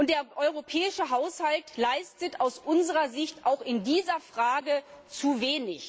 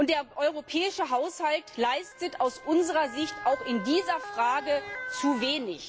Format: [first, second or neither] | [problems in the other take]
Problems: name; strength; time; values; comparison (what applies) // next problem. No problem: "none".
first | background sound (Motor vehicle (road) / Siren); 13 dB below the speech